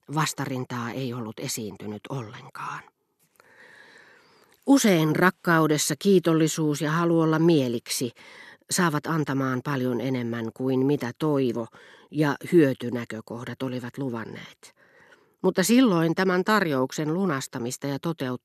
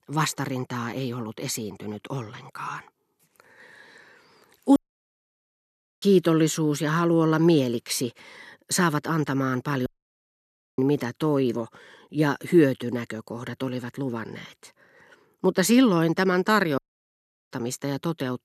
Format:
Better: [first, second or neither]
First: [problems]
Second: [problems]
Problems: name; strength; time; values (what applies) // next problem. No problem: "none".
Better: first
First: none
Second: audio cutting out; at 5 s for 1.5 s, at 10 s for 1 s and at 17 s for 0.5 s